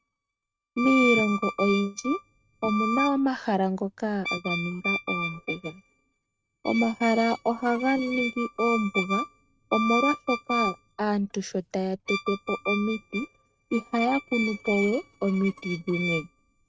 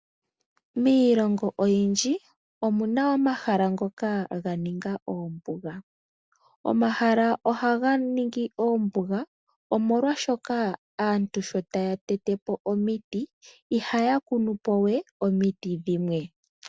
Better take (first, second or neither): second